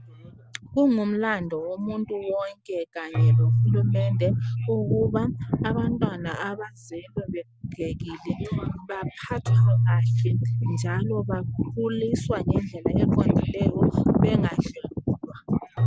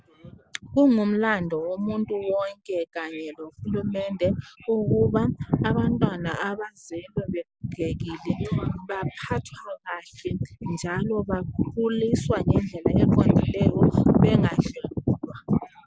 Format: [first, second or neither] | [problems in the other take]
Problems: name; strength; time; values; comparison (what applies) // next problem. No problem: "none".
second | background sound (Keyboard (musical)); 1 dB below the speech